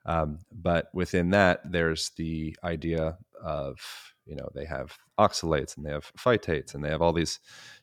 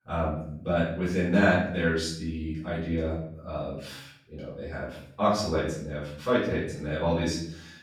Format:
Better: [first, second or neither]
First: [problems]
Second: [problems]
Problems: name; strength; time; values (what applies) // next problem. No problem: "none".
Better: first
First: none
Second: off-mic speech; far // room echo; noticeable; dies away in 0.6 s